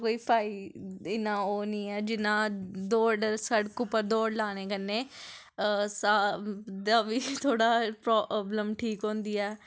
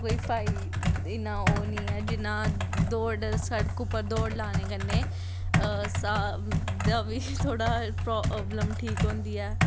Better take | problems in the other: first | background sound (Computer keyboard); 5 dB above the speech

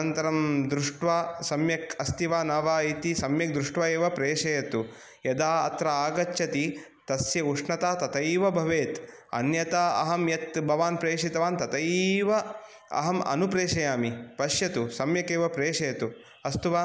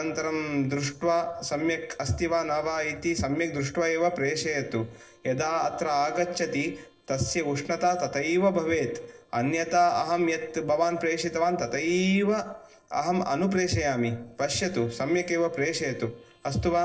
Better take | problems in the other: first | noise reduction (neural separator model SepFormer DNS4)

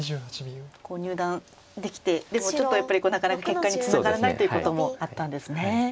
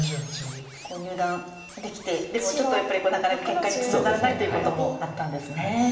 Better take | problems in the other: first | background sound (Squeak); 19 dB below the speech // room echo; dies away in 0.8 s

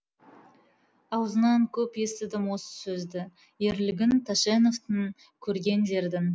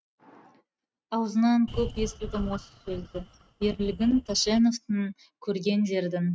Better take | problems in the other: first | noise reduction (neural mask model RNNoise)

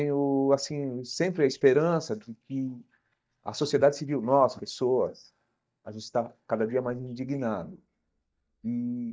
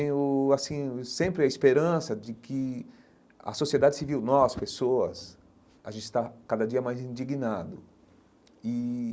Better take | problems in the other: second | noise reduction (neural mask model DeepFilterNet 3)

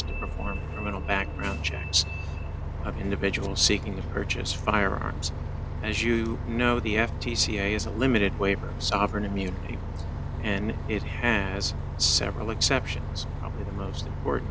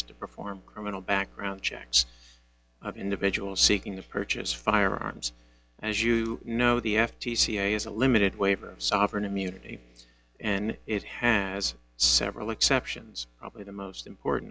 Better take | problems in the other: second | background sound (Bus); 3 dB below the speech

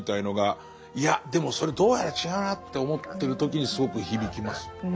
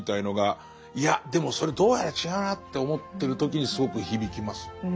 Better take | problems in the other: second | background sound (Livestock, farm animals, working animals + Doorbell); 18 dB below the speech

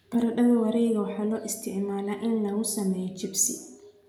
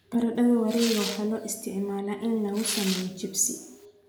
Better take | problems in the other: first | background sound (Tearing); 11 dB below the speech

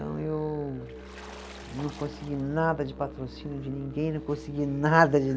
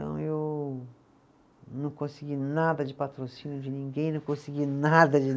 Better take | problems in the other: second | background sound (Musical instrument + Water / Splash, splatter); 14 dB below the speech

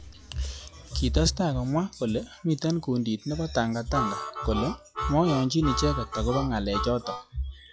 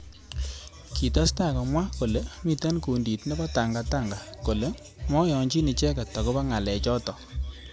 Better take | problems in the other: second | noise reduction (classical method log-MMSE)

